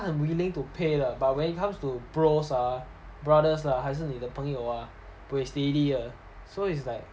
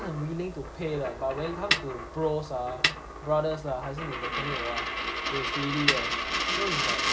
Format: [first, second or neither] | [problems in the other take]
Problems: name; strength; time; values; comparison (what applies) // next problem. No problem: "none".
first | background sound (Coin (dropping) + Snare drum); 2 dB above the speech